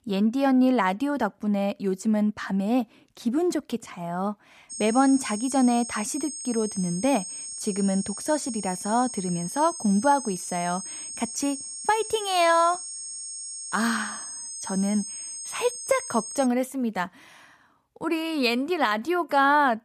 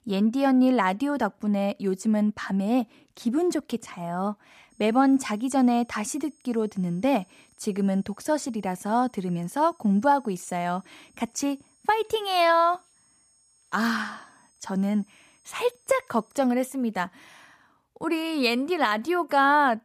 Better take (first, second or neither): second